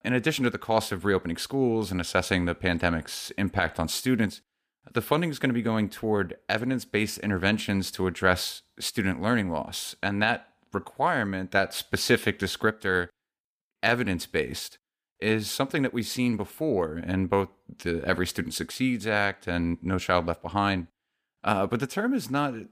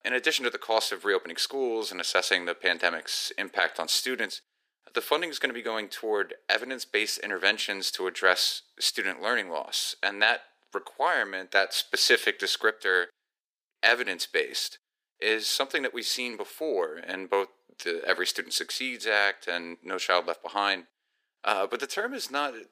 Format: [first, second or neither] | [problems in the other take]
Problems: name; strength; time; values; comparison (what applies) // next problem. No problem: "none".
first | thin; very; fading below 400 Hz